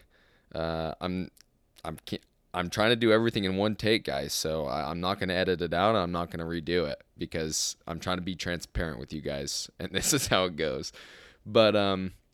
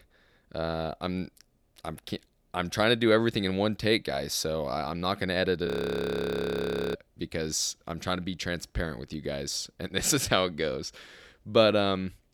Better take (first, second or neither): first